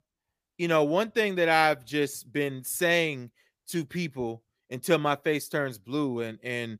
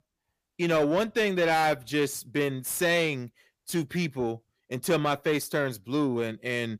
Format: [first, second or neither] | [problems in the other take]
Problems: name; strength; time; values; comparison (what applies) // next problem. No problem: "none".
first | distortion; slight; 10 dB below the speech